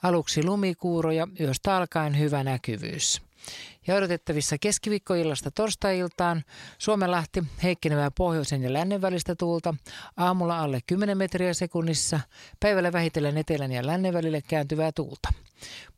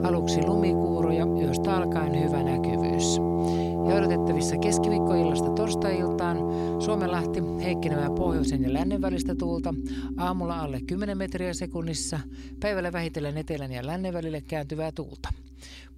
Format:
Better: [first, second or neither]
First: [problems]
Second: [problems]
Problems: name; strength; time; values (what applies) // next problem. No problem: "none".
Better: first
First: none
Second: background music; very loud; throughout; 5 dB above the speech